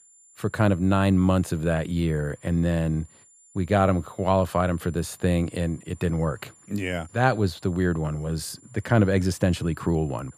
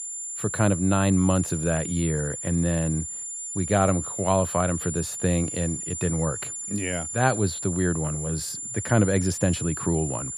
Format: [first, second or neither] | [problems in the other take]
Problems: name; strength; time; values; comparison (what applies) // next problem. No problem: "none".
first | high-pitched whine; loud; throughout; 7 kHz, 5 dB below the speech; faint in the first